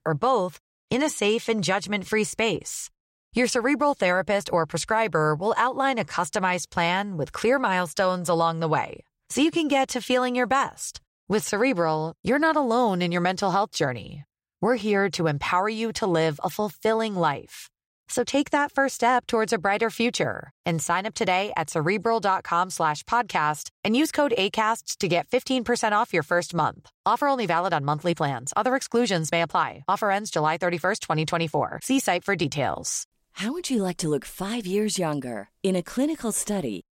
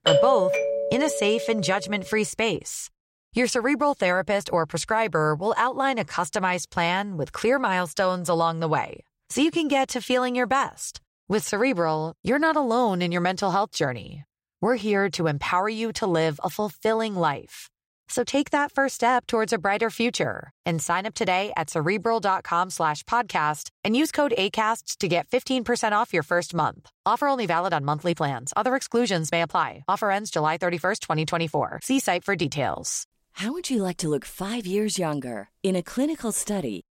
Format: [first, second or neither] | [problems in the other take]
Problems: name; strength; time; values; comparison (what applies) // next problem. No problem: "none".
first | doorbell; loud; until 1.5 s; peak 5 dB above the speech